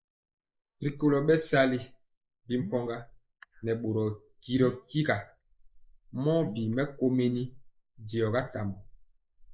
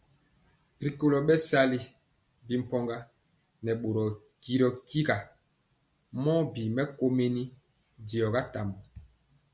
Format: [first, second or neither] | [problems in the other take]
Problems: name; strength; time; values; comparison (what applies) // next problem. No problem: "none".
second | noise reduction (neural mask model Resemble Enhance denoiser)